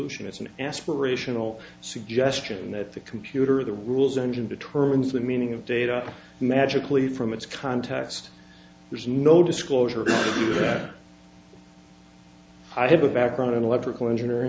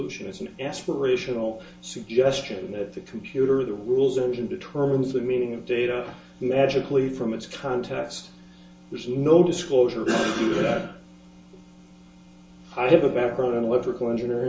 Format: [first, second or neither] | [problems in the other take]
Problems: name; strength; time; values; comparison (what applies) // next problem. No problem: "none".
first | room echo; dies away in 0.2 s